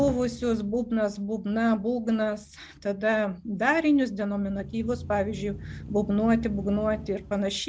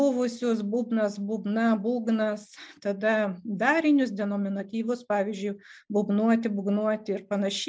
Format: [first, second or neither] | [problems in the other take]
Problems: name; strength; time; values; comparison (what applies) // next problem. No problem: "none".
second | background sound (Engine starting / Accelerating, revving, vroom / Motor vehicle (road)); 15 dB below the speech